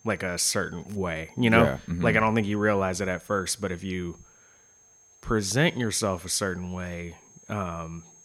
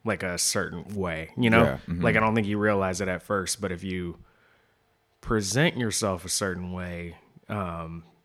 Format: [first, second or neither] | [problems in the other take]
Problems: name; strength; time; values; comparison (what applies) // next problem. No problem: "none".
second | high-pitched whine; faint; throughout; 6.5 kHz, 30 dB below the speech